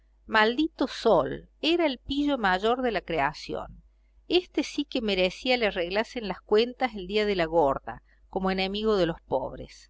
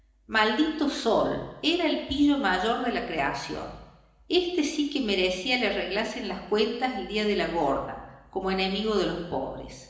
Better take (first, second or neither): first